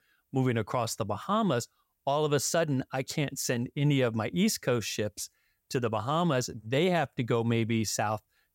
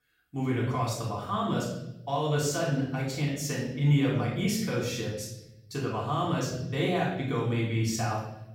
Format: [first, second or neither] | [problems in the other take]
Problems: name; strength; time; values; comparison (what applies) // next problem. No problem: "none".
first | room echo; noticeable; dies away in 0.9 s // off-mic speech; far